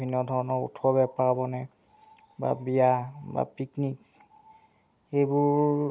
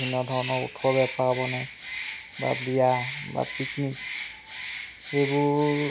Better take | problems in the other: first | background sound (Bird); 9 dB below the speech

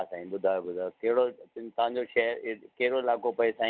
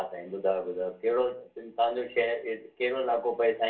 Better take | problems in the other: first | room echo; dies away in 0.3 s

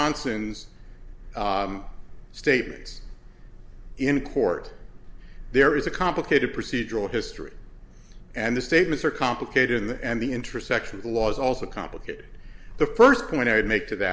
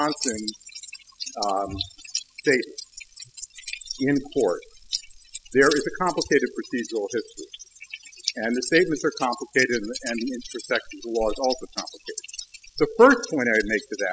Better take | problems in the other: first | noise reduction (classical method spectral subtraction)

